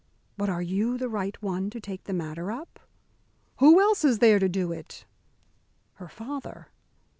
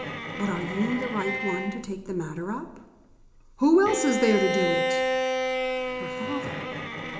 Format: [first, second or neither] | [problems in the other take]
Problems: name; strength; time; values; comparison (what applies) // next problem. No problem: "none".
first | background sound (Bowed string instrument); 2 dB below the speech // room echo; dies away in 0.8 s